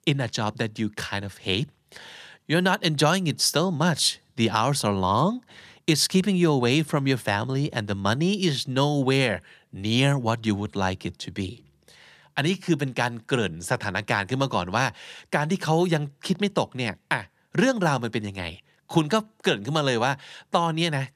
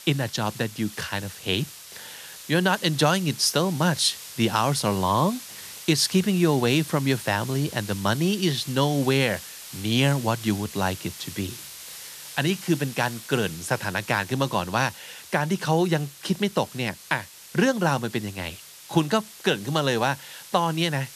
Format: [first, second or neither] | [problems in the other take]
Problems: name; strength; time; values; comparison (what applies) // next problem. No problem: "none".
first | hiss; noticeable; throughout; 15 dB below the speech